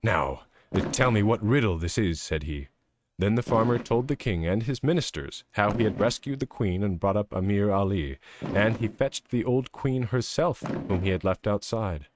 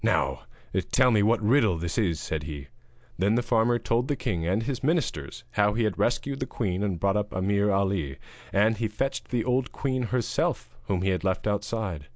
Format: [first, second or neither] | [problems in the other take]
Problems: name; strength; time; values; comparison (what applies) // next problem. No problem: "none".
second | noise reduction (neural mask model RNNoise)